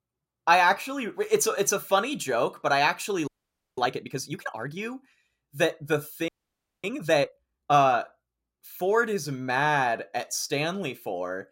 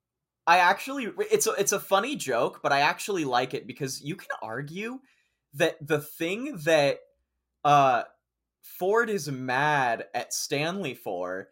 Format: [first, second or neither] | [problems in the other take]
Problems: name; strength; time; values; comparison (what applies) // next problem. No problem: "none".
second | audio freezing; at 3.5 s and at 6.5 s for 0.5 s